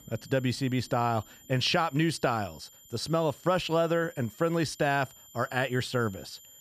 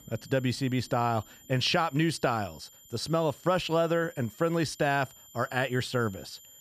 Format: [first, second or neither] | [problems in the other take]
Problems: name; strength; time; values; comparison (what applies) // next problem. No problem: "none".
neither | high-pitched whine; faint; throughout; 7 kHz, 25 dB below the speech; the same in both